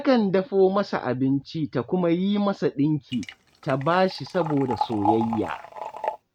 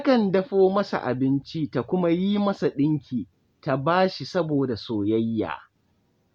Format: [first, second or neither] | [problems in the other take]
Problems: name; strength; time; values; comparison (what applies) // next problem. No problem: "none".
second | noise reduction (neural mask model RNNoise)